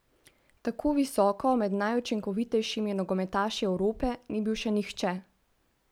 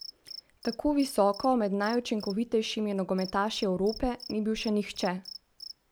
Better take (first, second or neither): first